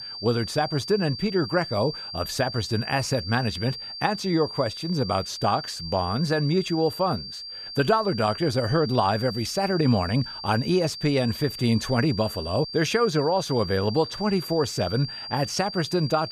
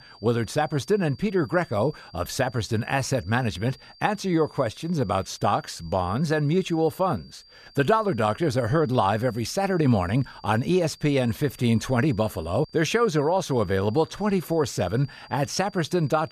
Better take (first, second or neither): second